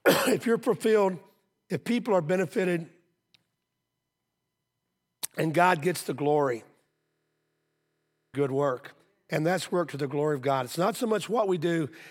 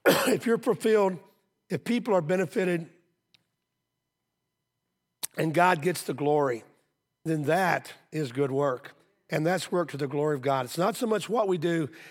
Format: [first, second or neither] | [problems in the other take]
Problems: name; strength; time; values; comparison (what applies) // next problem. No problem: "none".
second | audio freezing; at 7 s for 1.5 s